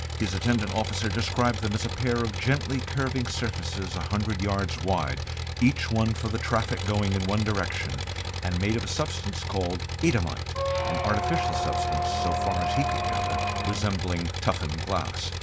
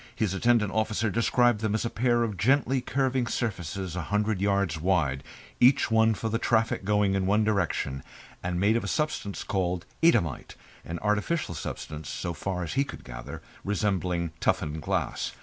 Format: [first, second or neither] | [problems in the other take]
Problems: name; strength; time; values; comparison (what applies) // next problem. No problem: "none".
second | background sound (Squeak + Engine); 2 dB below the speech